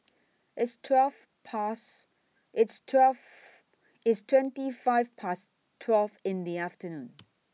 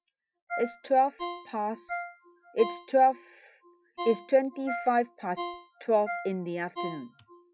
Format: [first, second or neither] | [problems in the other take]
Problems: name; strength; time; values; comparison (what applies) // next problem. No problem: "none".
first | noise reduction (classical method Wiener filter)